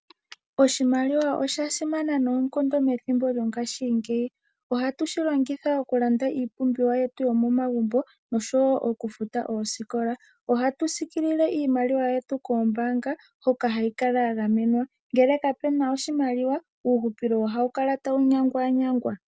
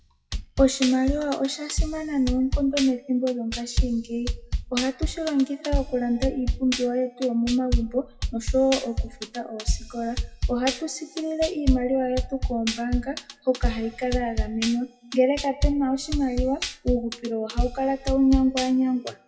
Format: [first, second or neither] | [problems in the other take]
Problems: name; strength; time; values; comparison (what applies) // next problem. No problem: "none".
first | noise reduction (classical method WPE with log-MMSE)